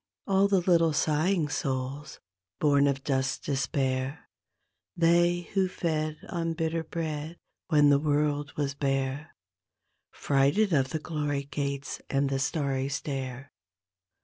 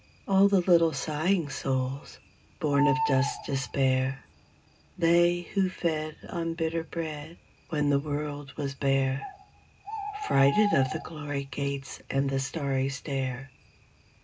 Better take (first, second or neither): first